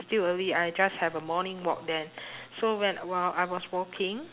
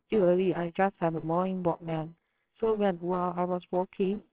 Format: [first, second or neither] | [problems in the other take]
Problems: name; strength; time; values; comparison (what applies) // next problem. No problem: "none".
first | noise reduction (neural separator model SepFormer WHAMR!)